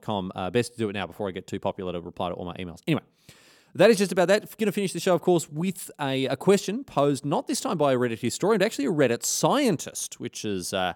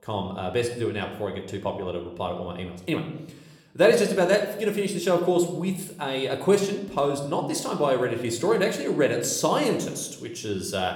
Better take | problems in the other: first | room echo; slight; dies away in 0.7 s

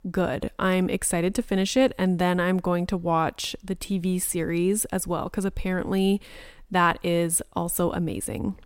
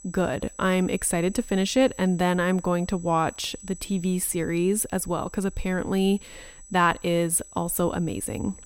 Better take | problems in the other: first | high-pitched whine; noticeable; throughout; 8 kHz, 20 dB below the speech

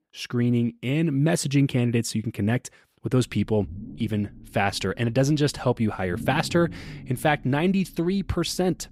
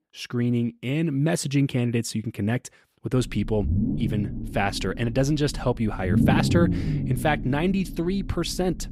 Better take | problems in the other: first | low rumble; loud; from 3 s on; 6 dB below the speech; faint in the first

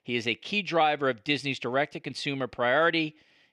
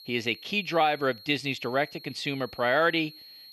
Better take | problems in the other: first | high-pitched whine; noticeable; throughout; 4.5 kHz, 20 dB below the speech

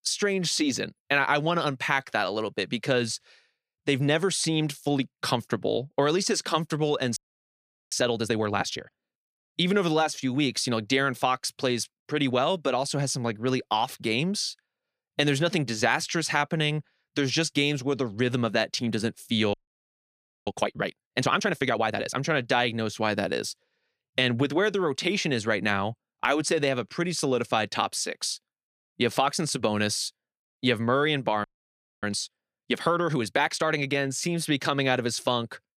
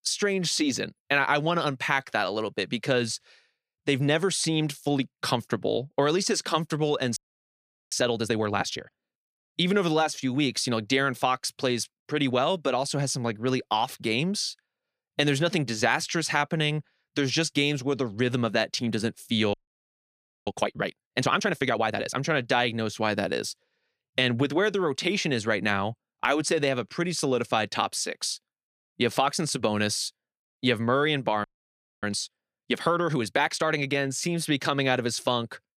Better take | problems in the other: neither | audio freezing; at 7 s for 1 s, at 20 s for 1 s and at 31 s for 0.5 s; the same in both

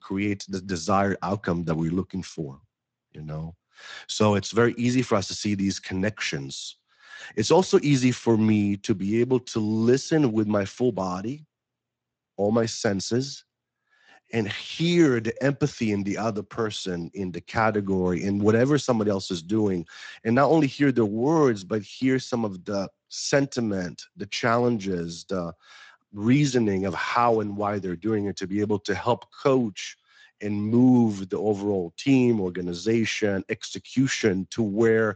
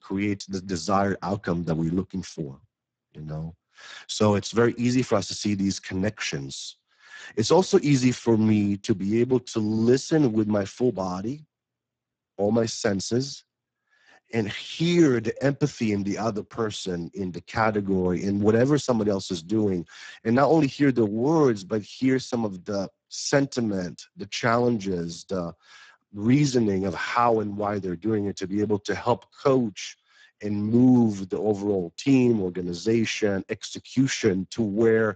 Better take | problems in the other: first | garbled, watery; badly; nothing above 7.5 kHz; slightly in the first

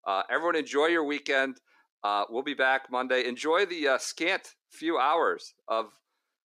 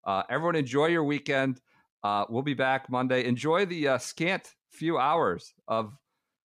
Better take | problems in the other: second | thin; somewhat; fading below 350 Hz

